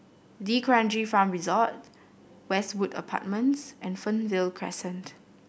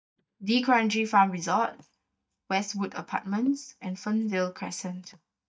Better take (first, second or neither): first